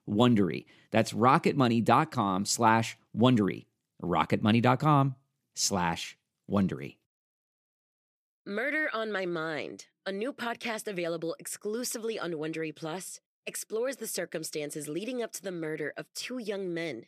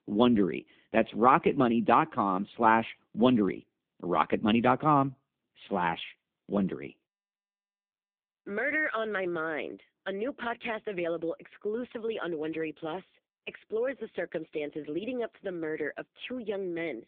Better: first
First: none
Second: phone-call audio; poor line

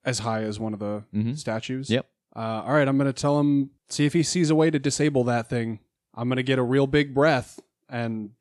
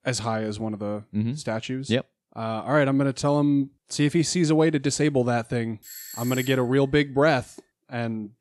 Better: first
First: none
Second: doorbell; faint; at 6 s; peak 10 dB below the speech

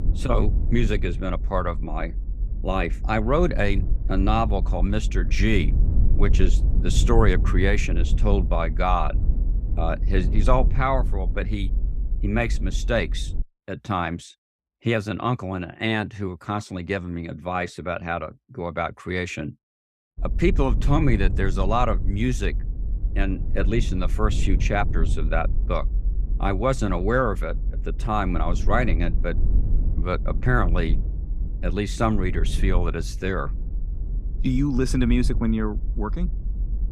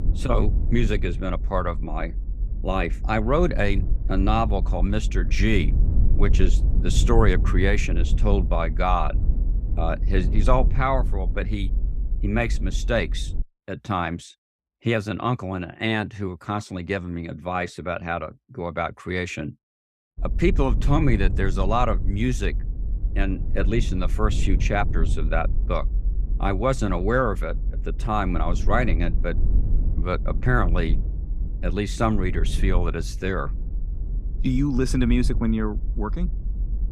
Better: neither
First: low rumble; noticeable; until 13 s and from 20 s on; 15 dB below the speech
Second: low rumble; noticeable; until 13 s and from 20 s on; 15 dB below the speech

